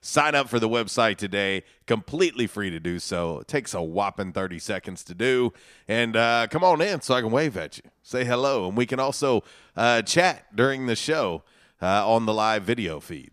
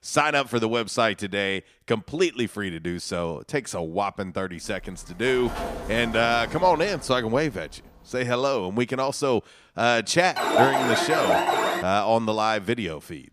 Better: first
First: none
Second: door banging; noticeable; from 4.5 to 8 s; peak 7 dB below the speech // alarm; loud; from 10 to 12 s; peak 4 dB above the speech

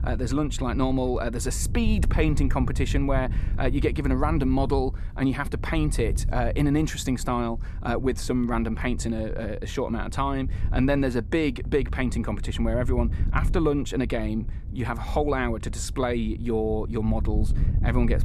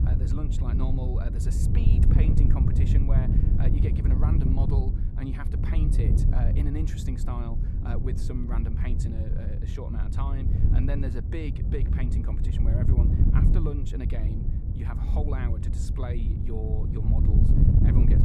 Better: first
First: wind noise on the microphone; occasional gusts; 15 dB below the speech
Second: wind noise on the microphone; heavy; 2 dB above the speech

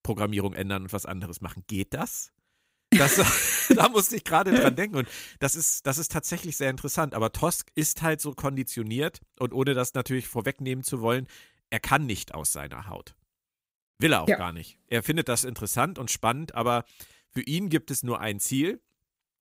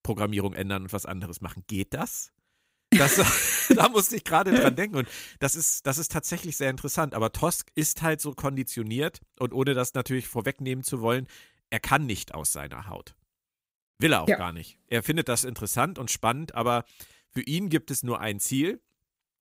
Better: neither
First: none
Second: none

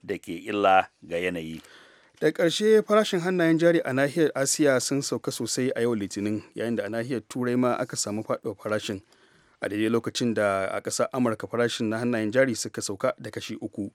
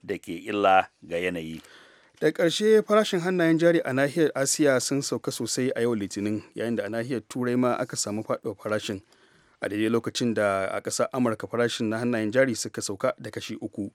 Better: neither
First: none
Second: none

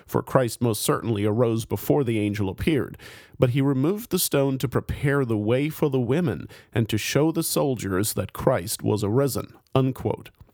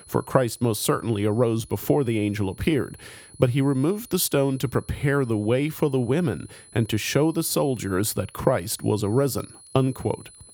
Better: first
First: none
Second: high-pitched whine; faint; throughout; 10.5 kHz, 25 dB below the speech

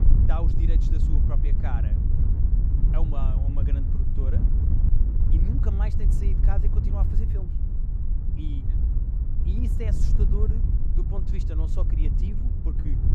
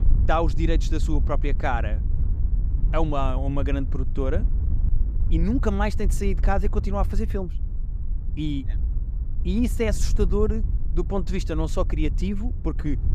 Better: second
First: wind noise on the microphone; heavy; as loud as the speech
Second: wind noise on the microphone; occasional gusts; 15 dB below the speech

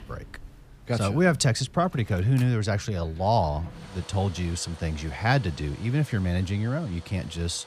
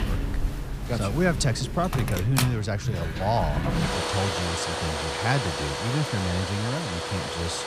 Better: first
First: household noises; faint; throughout; 20 dB below the speech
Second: household noises; loud; throughout; 2 dB below the speech

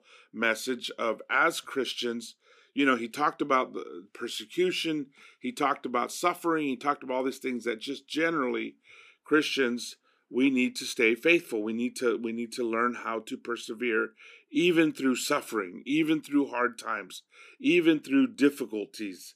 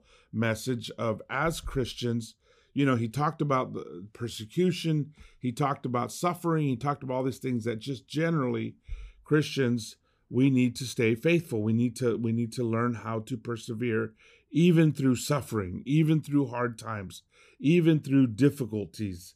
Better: second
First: thin; very slightly; fading below 300 Hz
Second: none

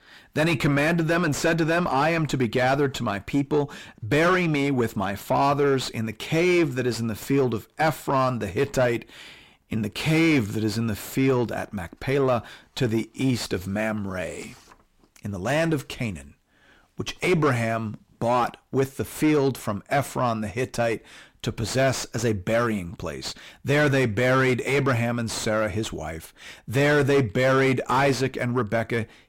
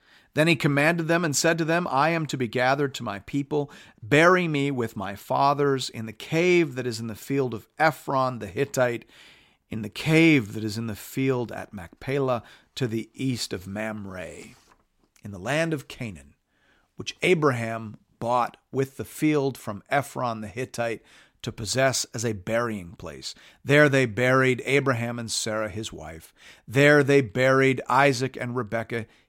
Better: second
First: distortion; heavy; 6 dB below the speech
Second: none

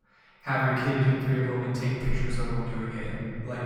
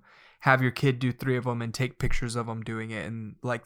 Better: second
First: room echo; strong; dies away in 2.9 s // off-mic speech; far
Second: none

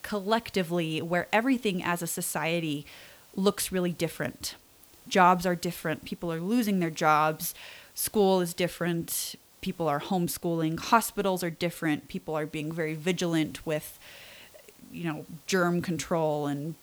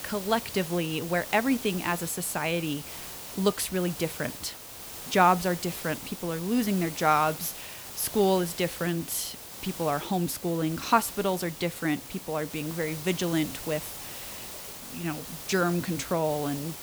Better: first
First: hiss; faint; throughout; 25 dB below the speech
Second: hiss; loud; throughout; 10 dB below the speech

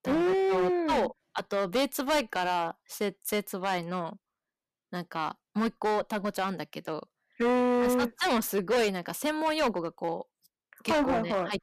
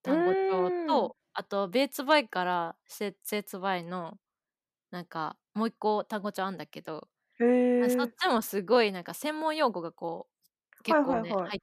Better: second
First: distortion; heavy; 11% of the sound clipped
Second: none

